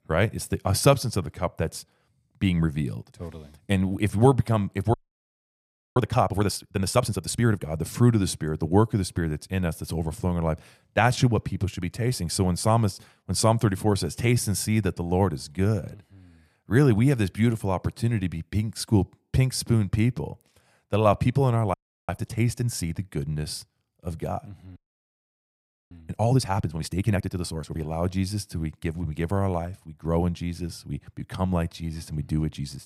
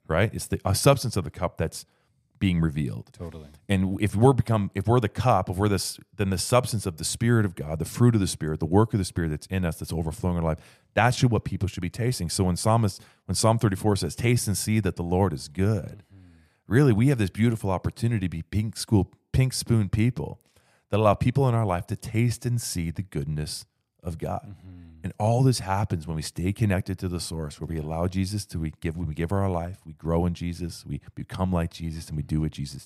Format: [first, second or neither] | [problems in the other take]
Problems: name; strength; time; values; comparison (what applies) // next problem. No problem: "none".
second | audio freezing; at 5 s for 1 s, at 22 s and at 25 s for 1 s